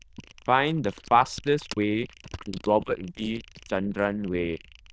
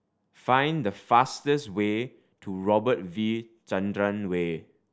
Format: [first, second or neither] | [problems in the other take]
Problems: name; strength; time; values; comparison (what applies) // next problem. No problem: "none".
second | noise reduction (neural diffusion model UNIVERSE++)